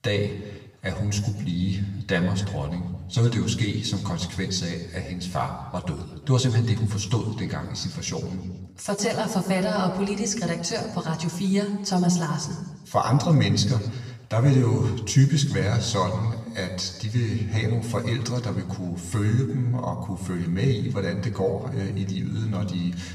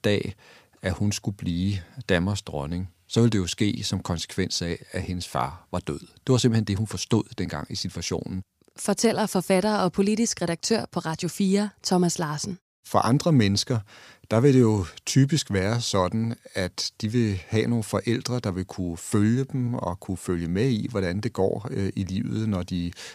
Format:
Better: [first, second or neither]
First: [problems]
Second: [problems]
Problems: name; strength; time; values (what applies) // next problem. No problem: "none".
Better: second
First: room echo; slight; dies away in 1.2 s // off-mic speech; somewhat distant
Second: none